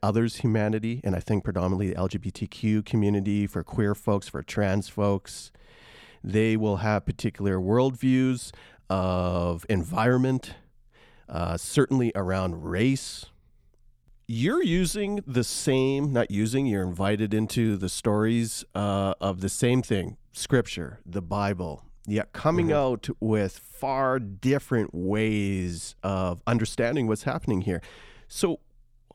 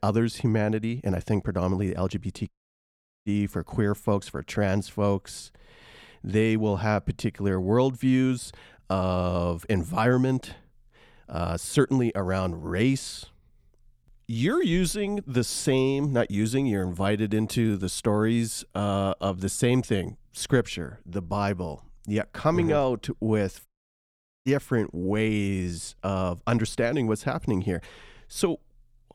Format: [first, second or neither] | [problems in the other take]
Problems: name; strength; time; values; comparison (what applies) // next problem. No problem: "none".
first | audio cutting out; at 2.5 s for 1 s and at 24 s for 1 s